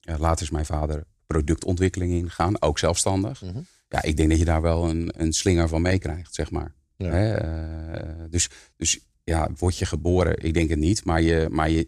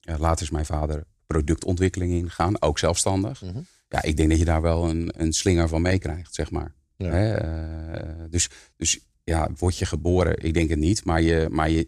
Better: neither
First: none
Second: none

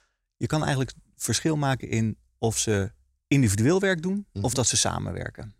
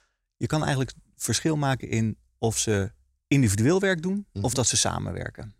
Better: neither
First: none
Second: none

